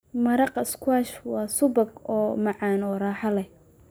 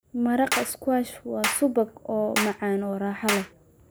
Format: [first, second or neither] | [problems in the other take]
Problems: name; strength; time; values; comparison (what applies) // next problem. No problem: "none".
first | background sound (Clapping); 7 dB below the speech